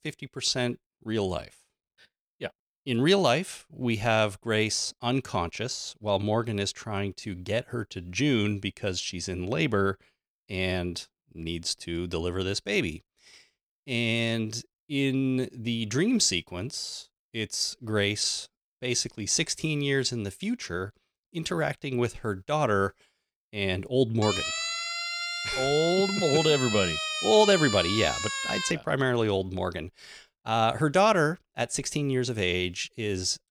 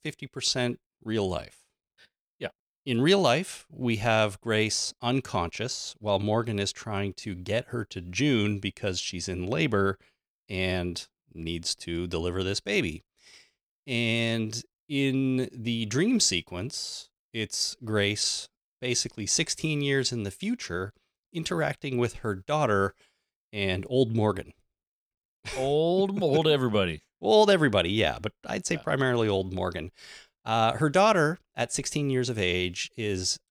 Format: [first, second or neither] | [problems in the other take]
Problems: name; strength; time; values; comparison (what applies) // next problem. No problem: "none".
second | siren; noticeable; from 24 to 29 s; peak level with the speech